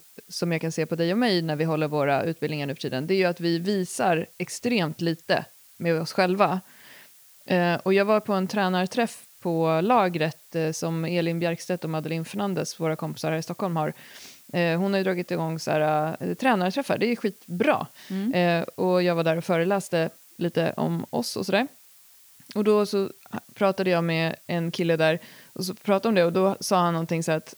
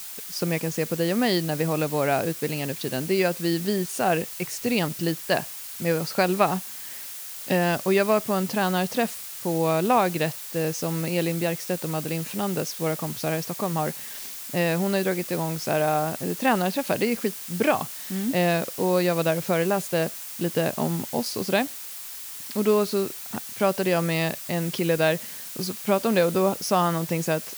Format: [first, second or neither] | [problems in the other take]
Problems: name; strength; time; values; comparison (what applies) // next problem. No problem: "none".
first | hiss; loud; throughout; 9 dB below the speech; faint in the first